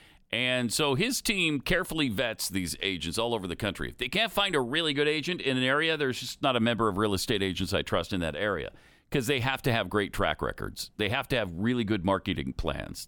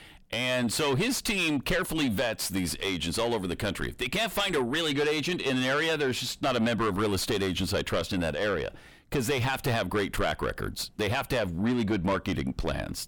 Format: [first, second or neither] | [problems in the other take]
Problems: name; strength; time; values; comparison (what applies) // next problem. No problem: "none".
first | distortion; heavy; 6 dB below the speech